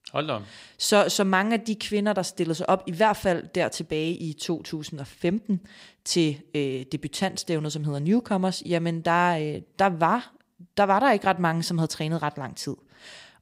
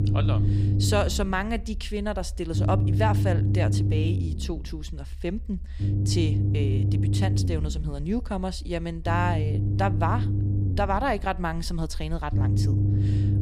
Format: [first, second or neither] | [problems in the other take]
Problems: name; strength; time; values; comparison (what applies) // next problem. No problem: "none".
first | low rumble; loud; throughout; 6 dB below the speech